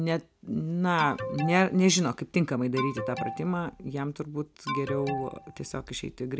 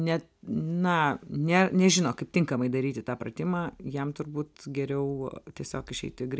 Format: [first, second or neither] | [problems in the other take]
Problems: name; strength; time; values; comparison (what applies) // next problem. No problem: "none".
second | background sound (Alarm); 9 dB below the speech